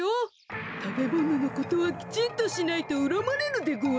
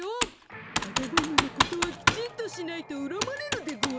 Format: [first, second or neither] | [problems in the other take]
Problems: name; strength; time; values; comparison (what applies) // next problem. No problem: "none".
first | background sound (Computer keyboard); 4 dB above the speech